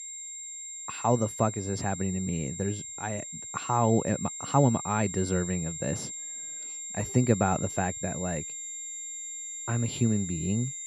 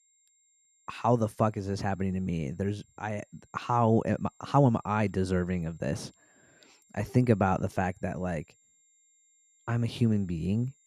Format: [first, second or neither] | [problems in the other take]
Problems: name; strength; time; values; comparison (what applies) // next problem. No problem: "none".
second | high-pitched whine; loud; throughout; 7.5 kHz, 7 dB below the speech; faint in the second